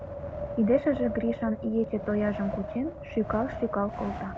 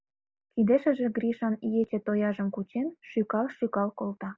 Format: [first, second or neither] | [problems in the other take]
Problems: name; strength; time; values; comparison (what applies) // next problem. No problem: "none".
second | background sound (Wind); 7 dB below the speech